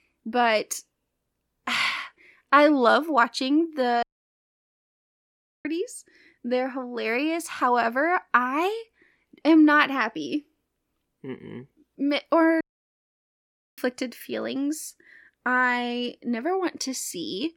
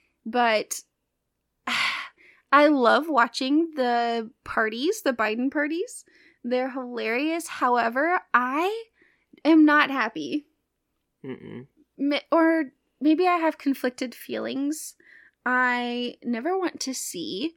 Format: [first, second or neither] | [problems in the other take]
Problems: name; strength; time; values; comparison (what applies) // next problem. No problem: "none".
second | audio cutting out; at 4 s for 1.5 s and at 13 s for 1 s